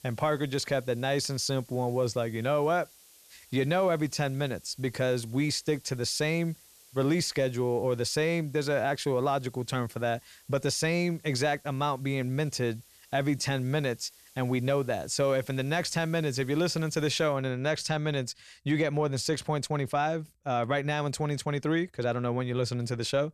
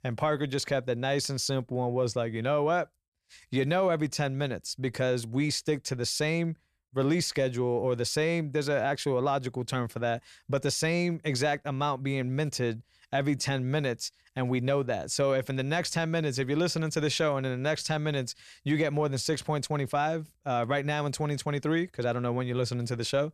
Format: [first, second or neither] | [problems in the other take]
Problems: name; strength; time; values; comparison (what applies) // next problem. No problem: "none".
second | hiss; faint; until 17 s; 25 dB below the speech